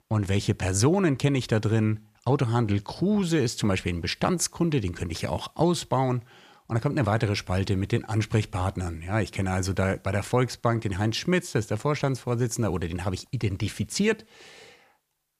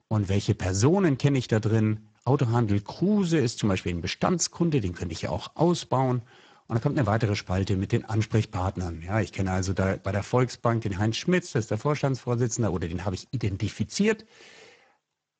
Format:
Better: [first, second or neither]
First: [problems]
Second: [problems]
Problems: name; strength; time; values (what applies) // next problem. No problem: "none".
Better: first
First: none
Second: garbled, watery; badly; nothing above 7.5 kHz